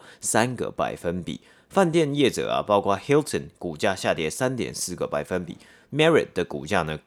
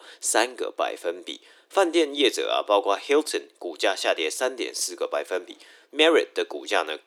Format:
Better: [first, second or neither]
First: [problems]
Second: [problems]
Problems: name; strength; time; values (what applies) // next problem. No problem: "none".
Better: first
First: none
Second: thin; somewhat; fading below 300 Hz